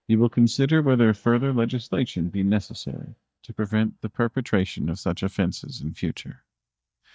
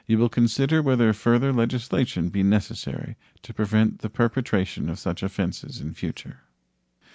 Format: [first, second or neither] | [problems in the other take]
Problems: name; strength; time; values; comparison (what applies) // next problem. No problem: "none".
second | noise reduction (neural mask model DeepFilterNet 3)